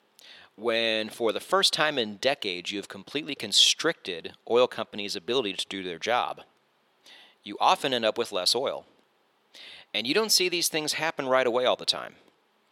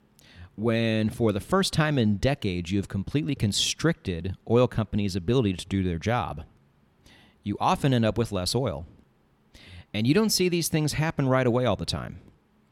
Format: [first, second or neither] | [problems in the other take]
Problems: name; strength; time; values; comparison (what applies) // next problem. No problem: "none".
second | thin; very; fading below 500 Hz